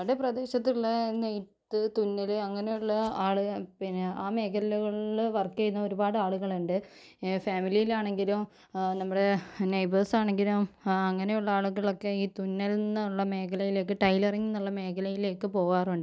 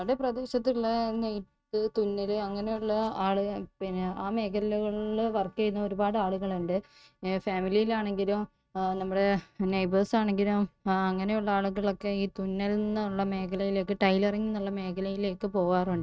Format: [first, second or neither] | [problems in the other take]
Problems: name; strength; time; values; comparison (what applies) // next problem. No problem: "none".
first | noise reduction (neural mask model RNNoise)